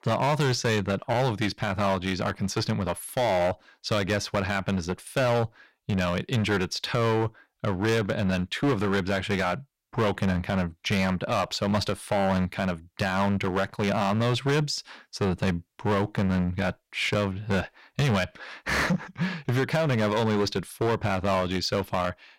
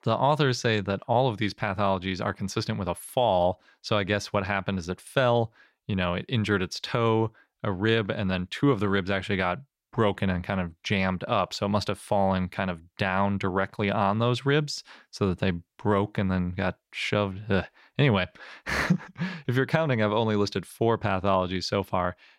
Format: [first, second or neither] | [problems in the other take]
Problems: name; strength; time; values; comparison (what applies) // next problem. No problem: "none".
second | distortion; heavy; 12% of the sound clipped